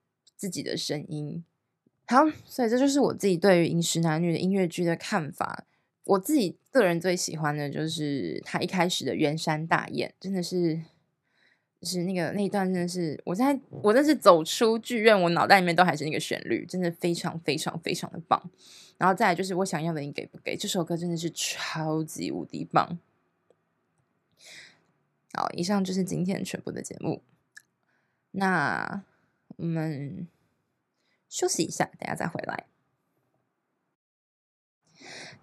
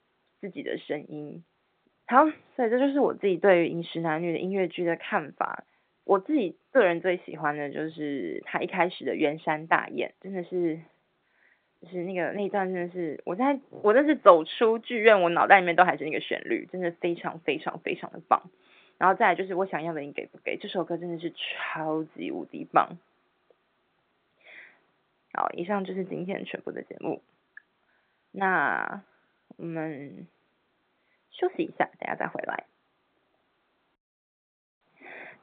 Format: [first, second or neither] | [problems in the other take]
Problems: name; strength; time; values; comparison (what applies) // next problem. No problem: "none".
first | phone-call audio; nothing above 3.5 kHz